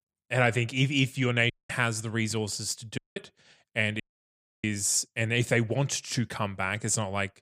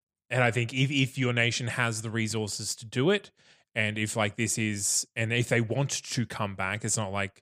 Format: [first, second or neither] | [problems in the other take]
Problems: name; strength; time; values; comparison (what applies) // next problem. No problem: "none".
second | audio cutting out; at 1.5 s, at 3 s and at 4 s for 0.5 s